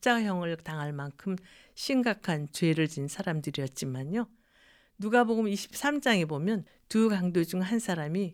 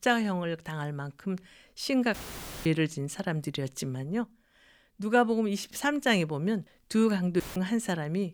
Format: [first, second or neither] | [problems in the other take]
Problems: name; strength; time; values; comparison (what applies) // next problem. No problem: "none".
first | audio cutting out; filled with static; at 2 s for 0.5 s and at 7.5 s